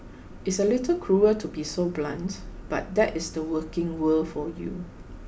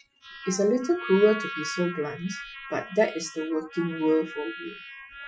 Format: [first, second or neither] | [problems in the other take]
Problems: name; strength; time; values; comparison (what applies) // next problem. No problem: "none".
first | noise reduction (classical method Wiener filter)